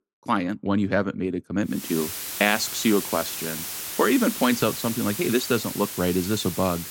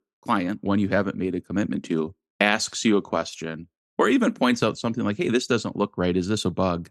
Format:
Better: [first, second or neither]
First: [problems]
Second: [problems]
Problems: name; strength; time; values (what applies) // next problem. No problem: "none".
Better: second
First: hiss; loud; from 2 s on; 6 dB below the speech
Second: none